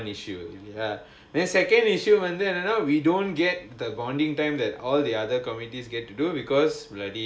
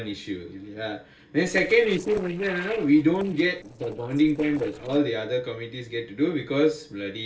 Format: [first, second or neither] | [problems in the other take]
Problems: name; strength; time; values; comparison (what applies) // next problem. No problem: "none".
first | noise reduction (neural separator model SepFormer DNS4)